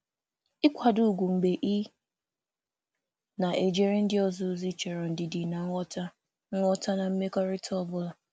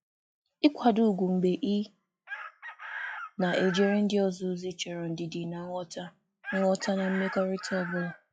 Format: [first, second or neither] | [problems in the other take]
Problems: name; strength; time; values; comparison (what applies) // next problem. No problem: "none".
first | noise reduction (classical method log-MMSE)